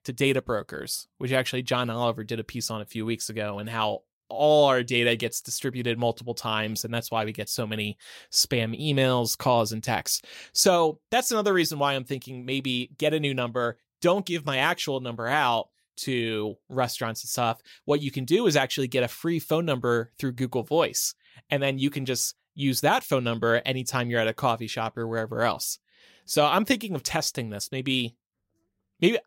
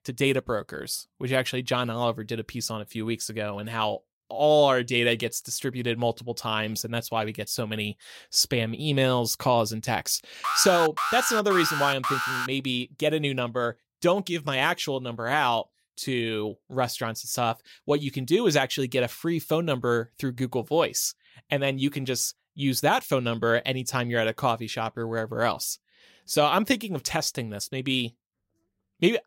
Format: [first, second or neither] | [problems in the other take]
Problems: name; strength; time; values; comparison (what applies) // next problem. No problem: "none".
first | alarm; noticeable; from 10 to 12 s; peak level with the speech